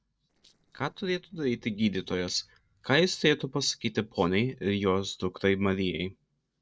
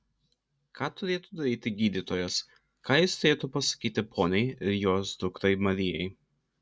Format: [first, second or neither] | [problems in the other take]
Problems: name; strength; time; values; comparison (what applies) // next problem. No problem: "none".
second | noise reduction (neural separator model SepFormer DNS4)